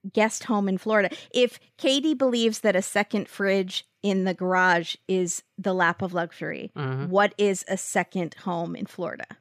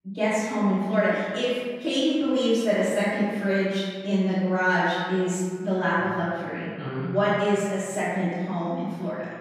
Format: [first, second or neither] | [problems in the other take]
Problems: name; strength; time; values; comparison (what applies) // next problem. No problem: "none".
first | room echo; strong; dies away in 1.6 s // off-mic speech; far